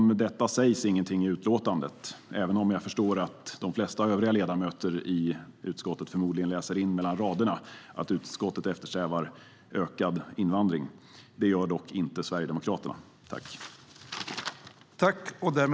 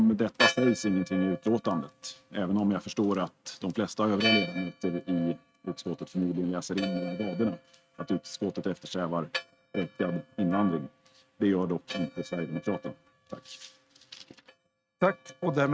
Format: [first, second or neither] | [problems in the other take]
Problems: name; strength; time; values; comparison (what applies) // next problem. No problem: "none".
first | noise reduction (neural mask model RNNoise)